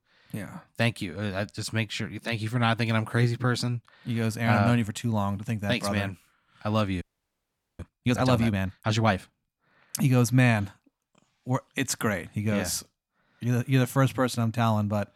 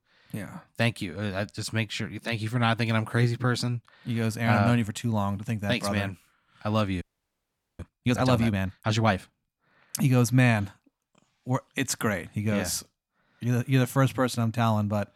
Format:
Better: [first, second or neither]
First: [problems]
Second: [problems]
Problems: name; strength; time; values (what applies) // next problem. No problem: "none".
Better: neither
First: audio freezing; at 7 s for 1 s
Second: audio freezing; at 7 s for 1 s